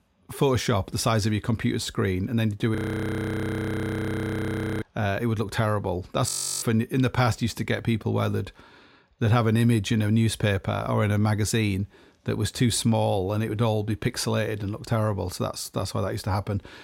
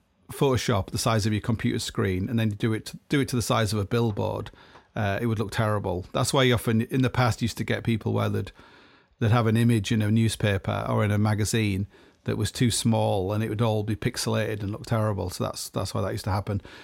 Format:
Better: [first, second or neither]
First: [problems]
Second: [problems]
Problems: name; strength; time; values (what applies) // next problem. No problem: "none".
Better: second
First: audio freezing; at 3 s for 2 s and at 6.5 s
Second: none